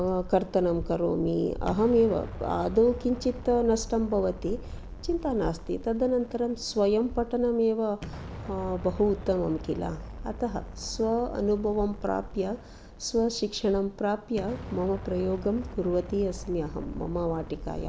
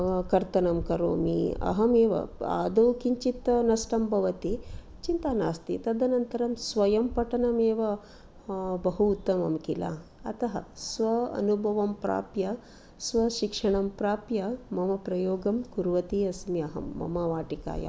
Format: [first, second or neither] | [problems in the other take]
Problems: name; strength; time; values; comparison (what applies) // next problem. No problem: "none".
second | background sound (Explosion); 13 dB below the speech